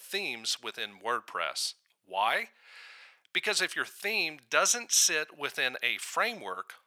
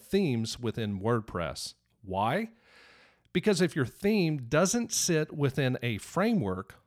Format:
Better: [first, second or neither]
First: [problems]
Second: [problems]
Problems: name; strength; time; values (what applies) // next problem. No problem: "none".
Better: second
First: thin; very; fading below 950 Hz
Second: none